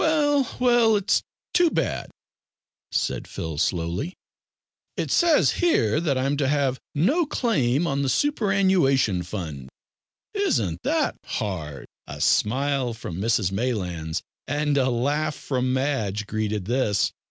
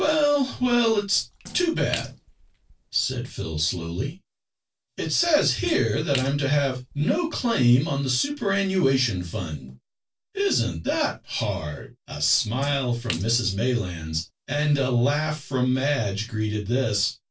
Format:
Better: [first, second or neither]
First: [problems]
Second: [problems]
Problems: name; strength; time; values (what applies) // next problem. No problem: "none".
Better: first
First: none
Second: noise reduction (neural separator model SepFormer DNS4)